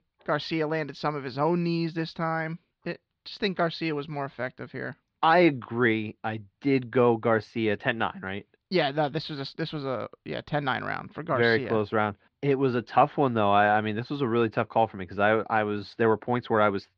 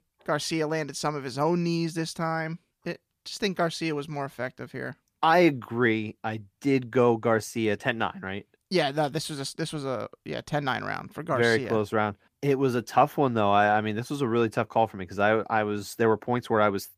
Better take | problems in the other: second | muffled; very slightly; fading above 4 kHz

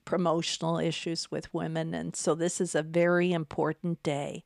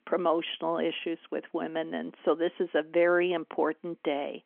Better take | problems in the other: first | phone-call audio; nothing above 3.5 kHz

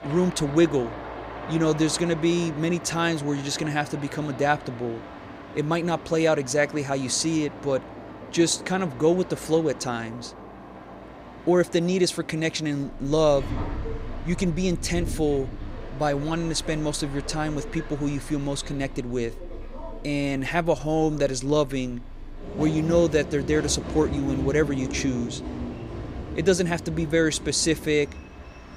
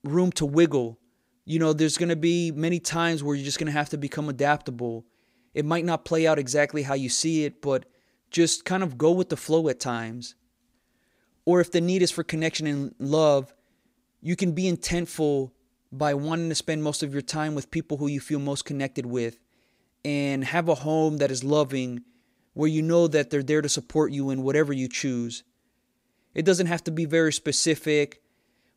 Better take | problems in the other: second | train or aircraft noise; noticeable; throughout; 10 dB below the speech

